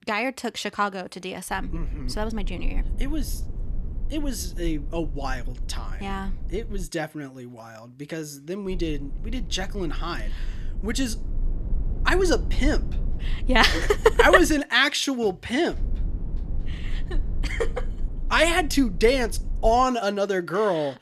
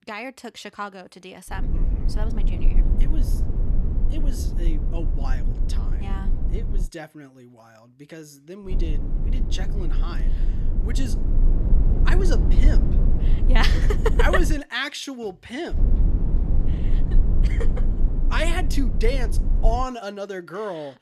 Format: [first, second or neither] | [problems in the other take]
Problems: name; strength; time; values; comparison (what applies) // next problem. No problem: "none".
first | low rumble; loud; from 1.5 to 7 s, from 8.5 to 15 s and from 16 to 20 s; 10 dB below the speech; faint in the first